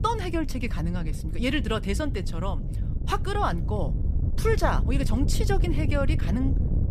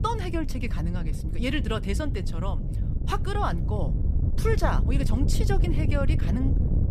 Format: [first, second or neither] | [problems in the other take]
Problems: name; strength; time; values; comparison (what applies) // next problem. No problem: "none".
first | wind noise on the microphone; heavy; 8 dB below the speech; occasional gusts in the first